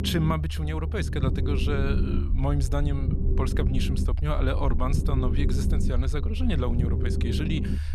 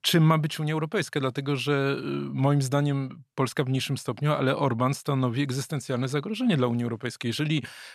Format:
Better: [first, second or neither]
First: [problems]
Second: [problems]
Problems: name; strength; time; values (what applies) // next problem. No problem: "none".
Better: second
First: low rumble; loud; throughout; 6 dB below the speech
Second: none